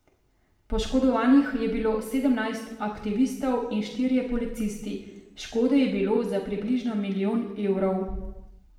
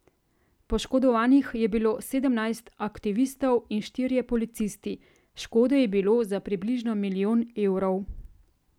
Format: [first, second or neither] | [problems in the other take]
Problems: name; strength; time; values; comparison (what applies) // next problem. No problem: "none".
second | room echo; dies away in 0.9 s